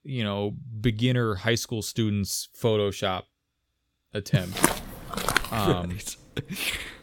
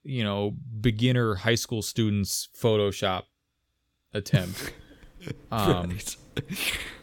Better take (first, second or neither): second